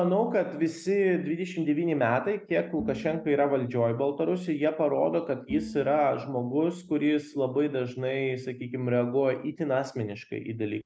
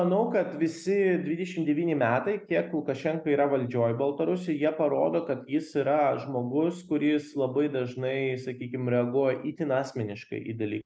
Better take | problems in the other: second | background sound (Bowed string instrument); 16 dB below the speech

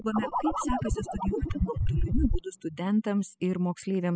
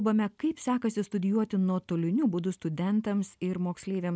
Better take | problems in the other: second | noise reduction (classical method spectral subtraction)

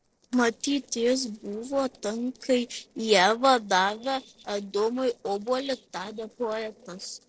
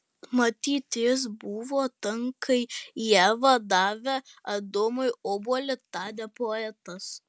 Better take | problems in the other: second | noise reduction (neural separator model SepFormer DNS4)

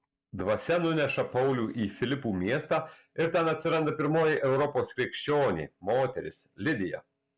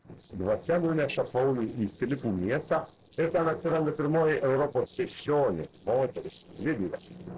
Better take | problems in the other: first | noise reduction (neural separator model SepFormer DNS4)

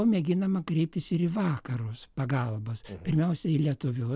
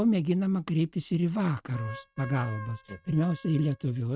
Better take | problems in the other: first | noise reduction (neural mask model RNNoise)

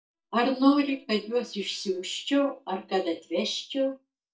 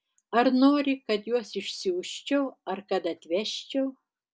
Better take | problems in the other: second | noise reduction (neural mask model DeepFilterNet 3)

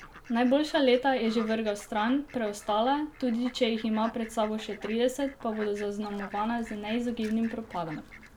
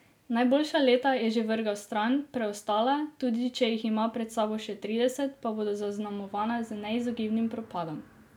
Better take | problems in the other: second | background sound (Fowl); 18 dB below the speech

